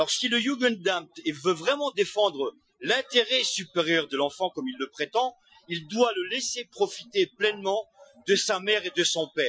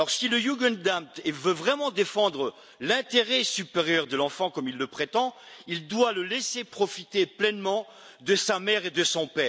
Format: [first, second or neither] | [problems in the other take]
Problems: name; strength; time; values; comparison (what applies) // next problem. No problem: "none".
second | noise reduction (classical method Wiener filter)